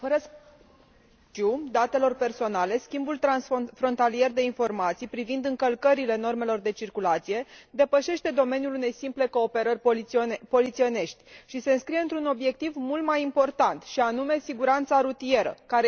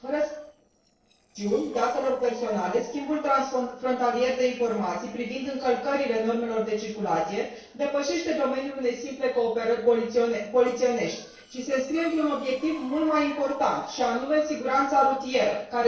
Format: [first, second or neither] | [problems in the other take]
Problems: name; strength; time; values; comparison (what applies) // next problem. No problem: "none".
first | noise reduction (neural separator model SepFormer DNS4)